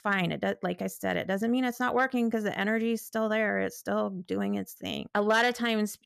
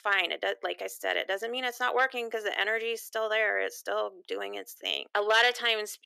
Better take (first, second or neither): first